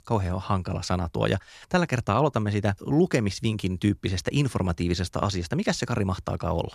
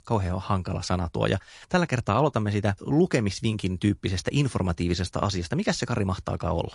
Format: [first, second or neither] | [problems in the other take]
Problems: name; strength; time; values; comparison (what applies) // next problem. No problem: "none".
first | garbled, watery; slightly